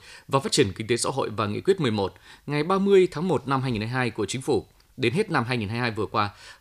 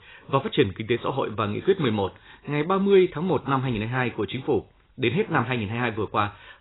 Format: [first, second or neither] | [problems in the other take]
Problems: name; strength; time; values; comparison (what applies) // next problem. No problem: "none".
first | garbled, watery; badly; nothing above 4 kHz